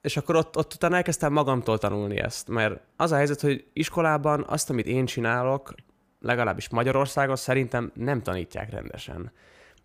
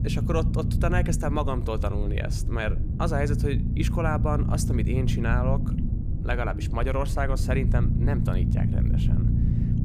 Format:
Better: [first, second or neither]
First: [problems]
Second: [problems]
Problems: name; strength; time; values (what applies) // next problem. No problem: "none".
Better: first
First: none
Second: low rumble; loud; throughout; 7 dB below the speech